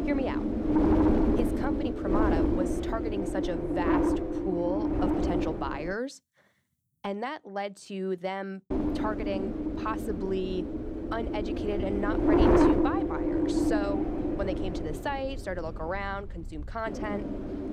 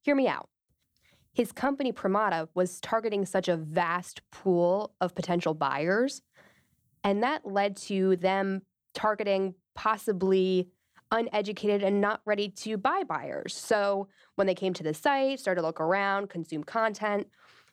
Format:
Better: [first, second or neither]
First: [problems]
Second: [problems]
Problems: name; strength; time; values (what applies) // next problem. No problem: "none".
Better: second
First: wind noise on the microphone; heavy; until 6 s and from 8.5 s on; 3 dB above the speech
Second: none